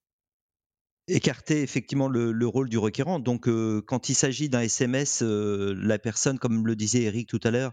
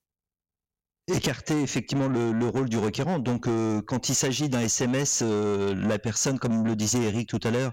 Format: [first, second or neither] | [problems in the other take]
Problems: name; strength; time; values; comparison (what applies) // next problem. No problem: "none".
first | distortion; heavy; 7 dB below the speech